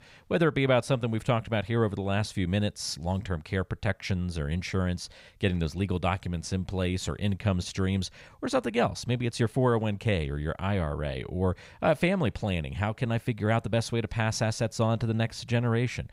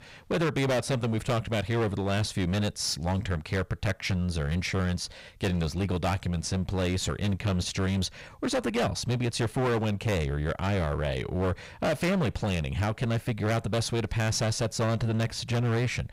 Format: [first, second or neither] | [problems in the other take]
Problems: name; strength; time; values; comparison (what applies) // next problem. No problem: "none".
first | distortion; heavy; 19% of the sound clipped